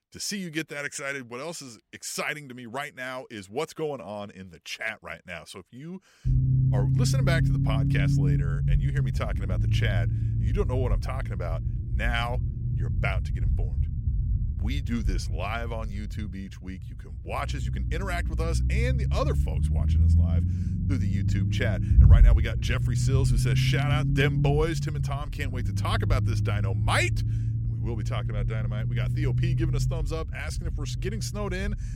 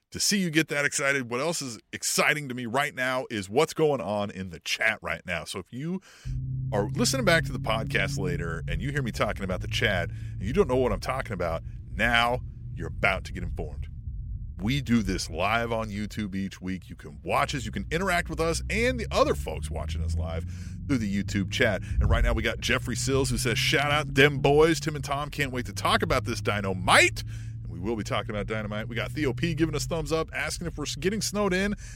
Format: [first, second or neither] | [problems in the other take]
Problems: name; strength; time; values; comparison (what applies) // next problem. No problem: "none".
second | low rumble; loud; from 6.5 s on; 6 dB below the speech; faint in the second